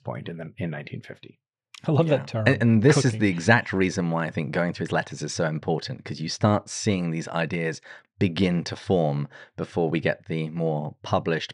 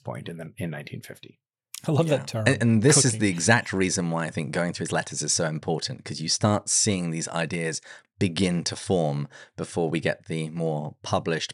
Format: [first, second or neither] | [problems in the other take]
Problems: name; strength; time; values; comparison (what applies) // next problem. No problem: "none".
second | muffled; slightly; fading above 3.5 kHz